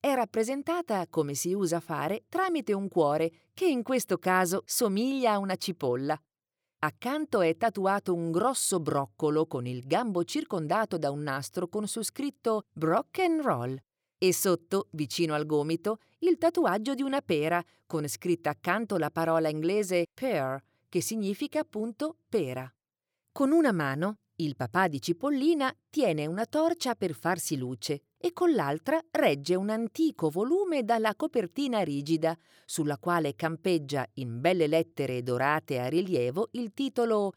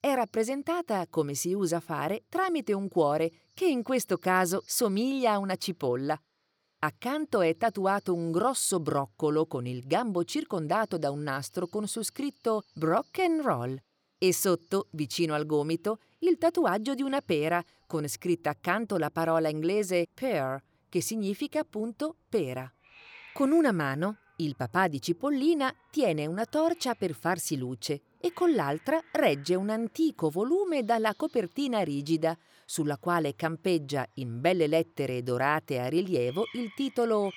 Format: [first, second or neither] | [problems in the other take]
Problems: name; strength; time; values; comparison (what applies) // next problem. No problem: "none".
first | animal sounds; faint; throughout; 25 dB below the speech